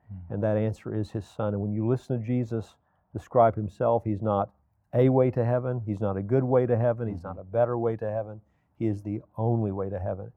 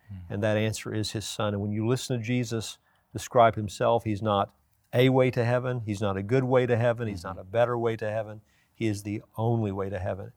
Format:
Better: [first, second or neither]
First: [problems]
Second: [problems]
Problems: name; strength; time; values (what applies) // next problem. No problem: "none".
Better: second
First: muffled; very; fading above 2 kHz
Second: none